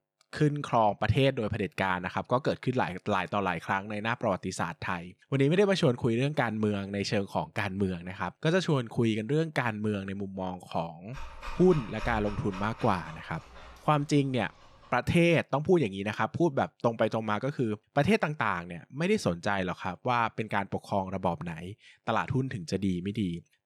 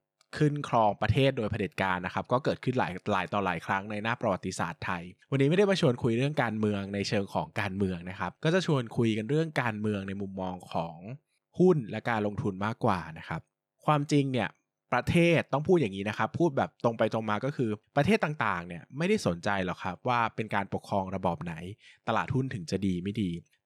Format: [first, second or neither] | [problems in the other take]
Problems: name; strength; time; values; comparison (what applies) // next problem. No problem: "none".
second | dog barking; faint; from 11 to 14 s; peak 10 dB below the speech